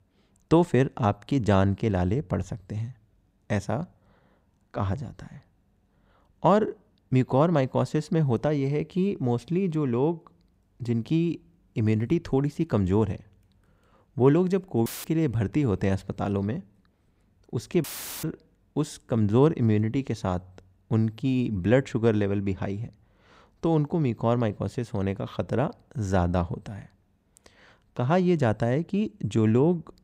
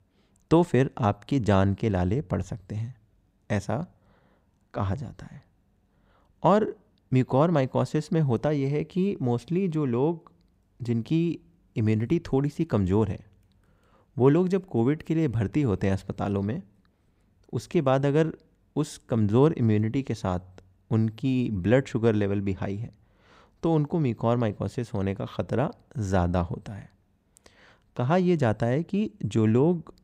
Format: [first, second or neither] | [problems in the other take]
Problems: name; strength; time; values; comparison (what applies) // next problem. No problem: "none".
second | audio cutting out; filled with static; at 15 s and at 18 s